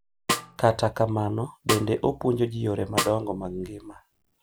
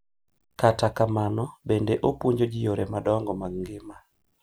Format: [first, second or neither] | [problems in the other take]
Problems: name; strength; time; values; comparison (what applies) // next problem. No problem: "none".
second | background sound (Snare drum); 7 dB below the speech